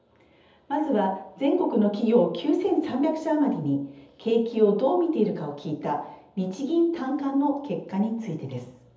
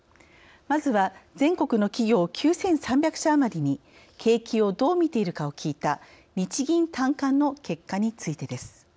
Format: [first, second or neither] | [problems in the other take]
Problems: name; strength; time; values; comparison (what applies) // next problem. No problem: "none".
second | room echo; dies away in 0.7 s